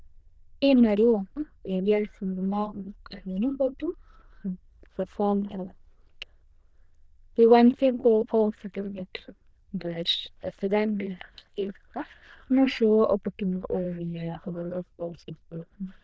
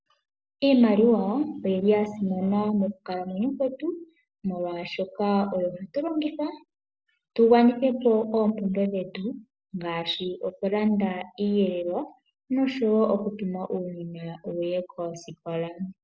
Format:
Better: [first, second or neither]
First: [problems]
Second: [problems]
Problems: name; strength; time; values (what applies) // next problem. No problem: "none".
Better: second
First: noise reduction (neural diffusion model UNIVERSE++)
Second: none